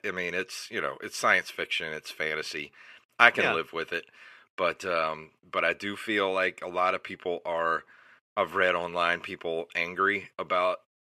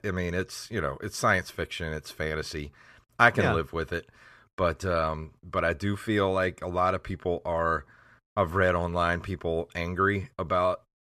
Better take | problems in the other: second | thin; somewhat; fading below 300 Hz

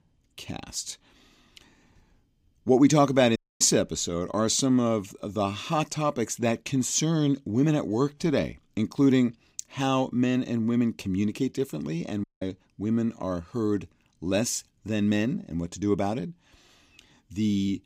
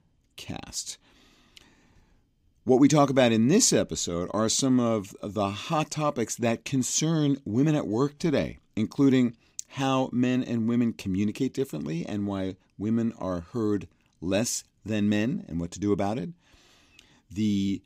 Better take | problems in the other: second | audio cutting out; at 3.5 s and at 12 s

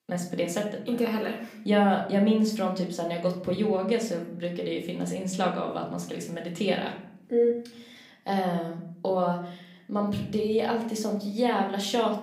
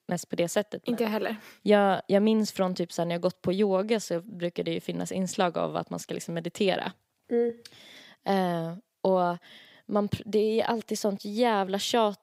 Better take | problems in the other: second | room echo; slight; dies away in 0.5 s // off-mic speech; somewhat distant

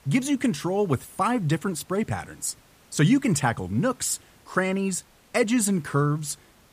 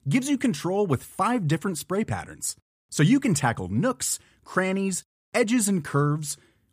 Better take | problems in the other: second | hiss; faint; throughout; 30 dB below the speech

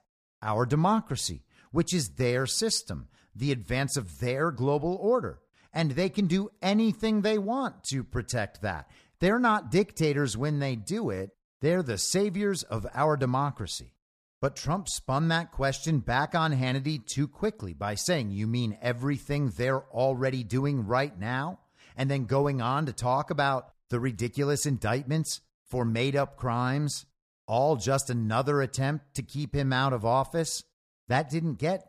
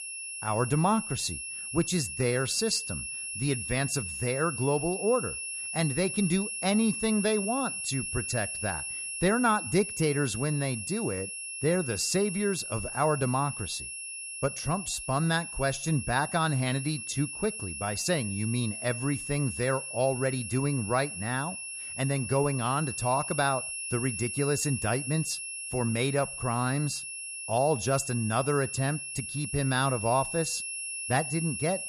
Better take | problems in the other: first | high-pitched whine; loud; throughout; 10.5 kHz, 5 dB below the speech

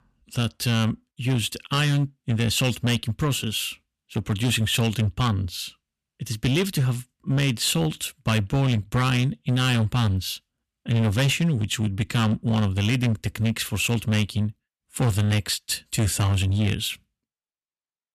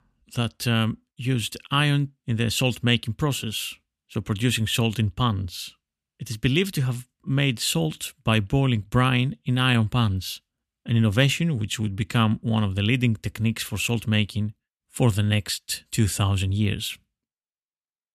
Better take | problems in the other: second | distortion; slight; 10% of the sound clipped

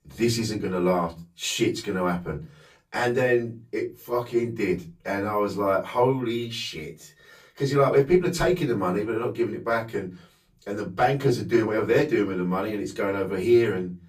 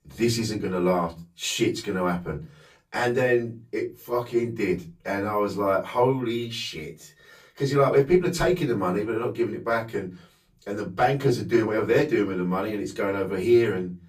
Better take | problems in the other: neither | off-mic speech; far; the same in both // room echo; very slight; dies away in 0.3 s; the same in both

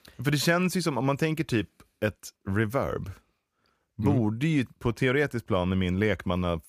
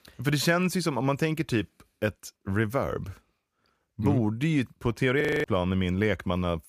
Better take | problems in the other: first | audio freezing; at 5 s

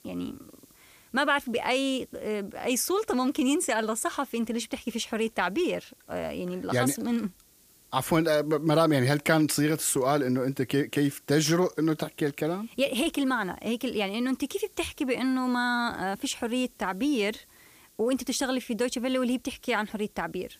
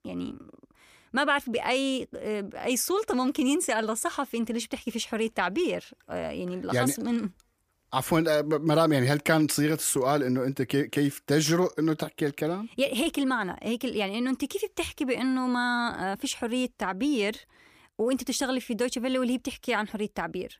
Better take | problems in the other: second | hiss; faint; throughout; 30 dB below the speech

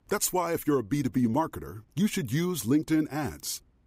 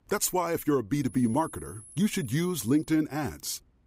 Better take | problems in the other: first | high-pitched whine; noticeable; from 1 to 3 s; 10.5 kHz, 20 dB below the speech

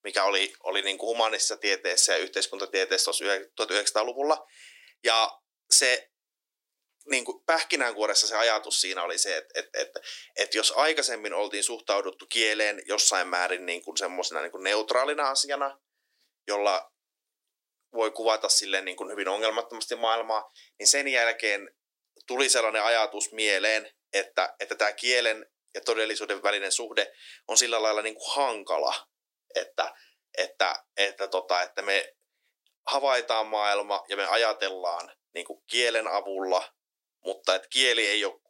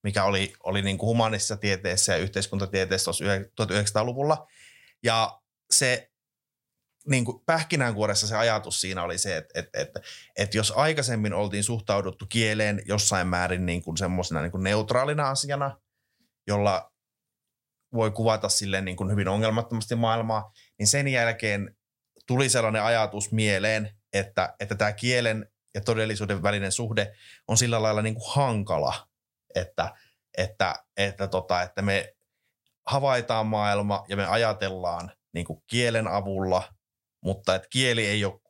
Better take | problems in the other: second | thin; very; fading below 300 Hz

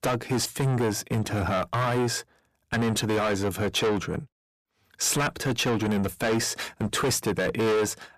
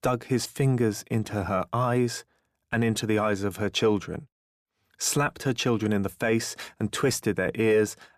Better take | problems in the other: second | distortion; heavy; 7 dB below the speech

